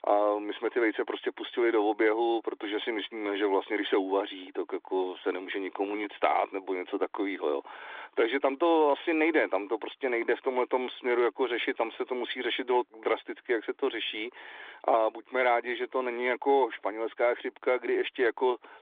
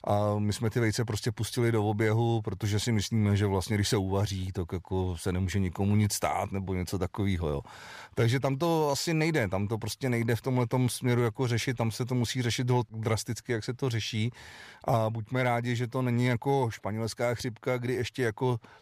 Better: second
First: phone-call audio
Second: none

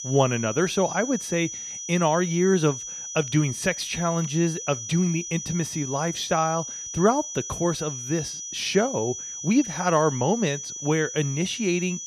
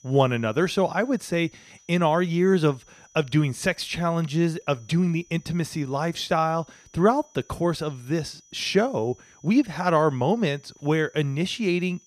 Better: second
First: high-pitched whine; loud; throughout; 6 kHz, 7 dB below the speech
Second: high-pitched whine; faint; throughout; 6 kHz, 30 dB below the speech

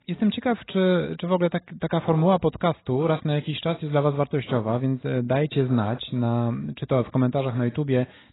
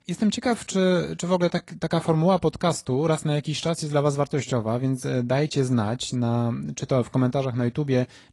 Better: second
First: garbled, watery; badly; nothing above 4 kHz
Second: garbled, watery; slightly; nothing above 10.5 kHz

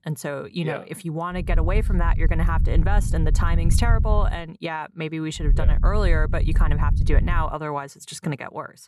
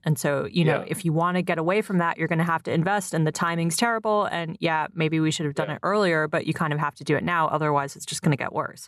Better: second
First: low rumble; noticeable; from 1.5 to 4.5 s and from 5.5 to 7.5 s; 10 dB below the speech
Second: none

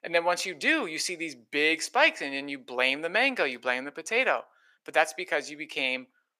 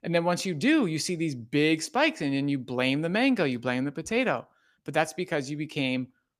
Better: second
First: thin; somewhat; fading below 600 Hz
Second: none

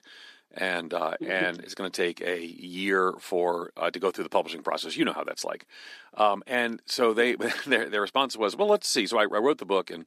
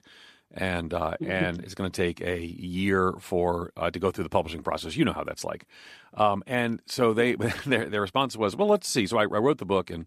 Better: second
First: thin; very slightly; fading below 250 Hz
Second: none

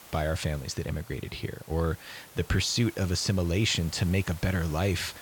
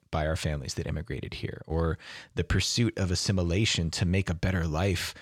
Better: second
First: hiss; noticeable; throughout; 20 dB below the speech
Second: none

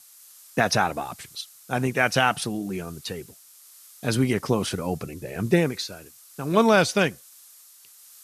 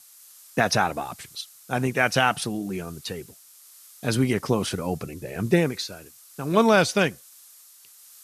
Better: neither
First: hiss; faint; throughout; 25 dB below the speech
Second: hiss; faint; throughout; 25 dB below the speech

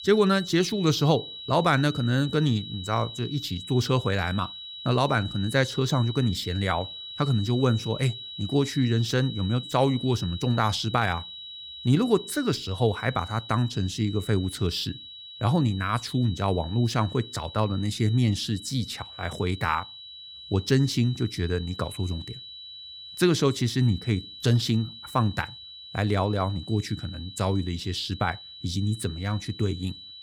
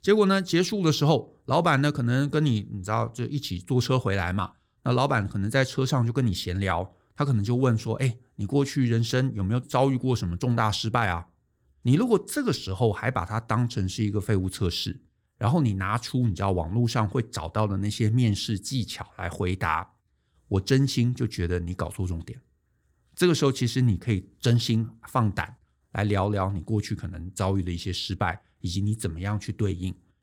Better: second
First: high-pitched whine; noticeable; throughout; 4 kHz, 10 dB below the speech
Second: none

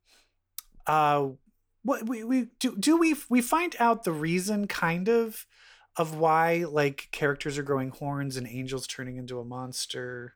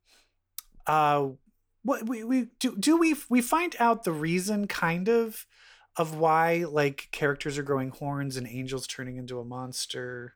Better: neither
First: none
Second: none

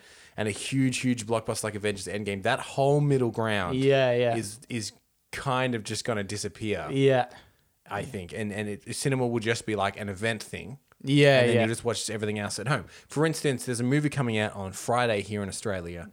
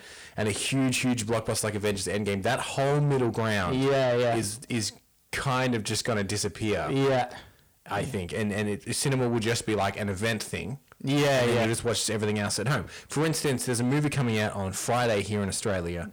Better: first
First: none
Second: distortion; heavy; 7 dB below the speech

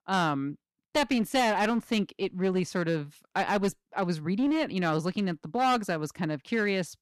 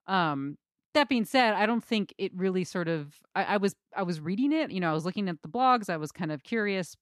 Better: second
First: distortion; slight; 9% of the sound clipped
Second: none

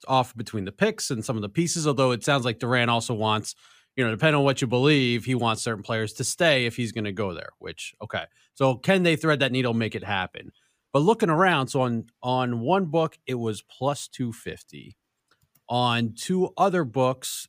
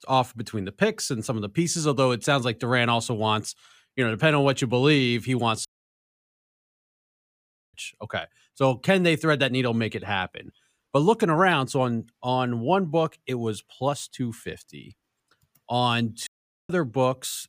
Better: first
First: none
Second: audio cutting out; at 5.5 s for 2 s and at 16 s

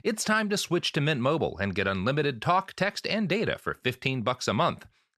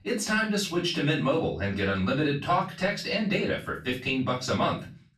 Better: first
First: none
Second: off-mic speech; far // room echo; slight; dies away in 0.3 s

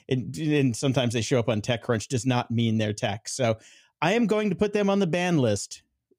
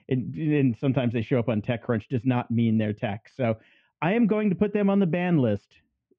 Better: first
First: none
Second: muffled; very; fading above 2.5 kHz

